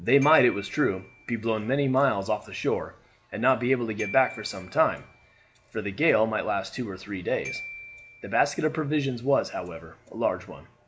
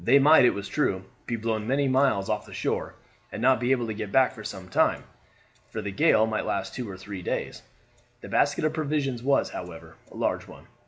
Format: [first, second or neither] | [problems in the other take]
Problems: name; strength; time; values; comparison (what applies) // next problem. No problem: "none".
second | background sound (Glockenspiel); 18 dB below the speech